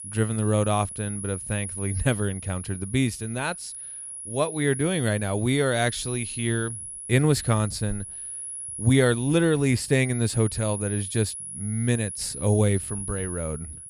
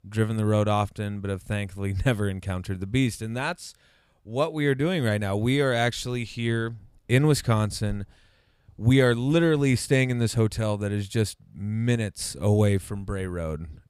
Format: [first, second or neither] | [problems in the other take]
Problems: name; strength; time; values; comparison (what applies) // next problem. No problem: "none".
second | high-pitched whine; loud; throughout; 10.5 kHz, 9 dB below the speech